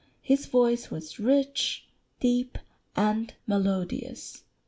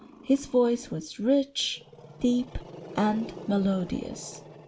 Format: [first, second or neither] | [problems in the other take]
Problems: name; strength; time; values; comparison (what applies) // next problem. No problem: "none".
first | background sound (Growling); 17 dB below the speech